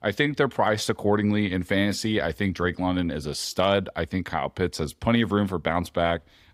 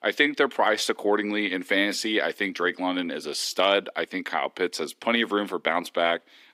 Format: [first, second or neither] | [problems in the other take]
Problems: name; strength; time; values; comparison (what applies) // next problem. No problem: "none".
first | thin; very slightly; fading below 300 Hz